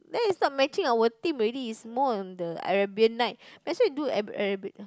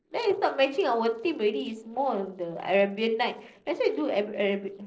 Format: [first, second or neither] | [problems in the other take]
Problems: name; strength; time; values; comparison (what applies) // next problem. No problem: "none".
first | noise reduction (neural separator model SepFormer DNS4)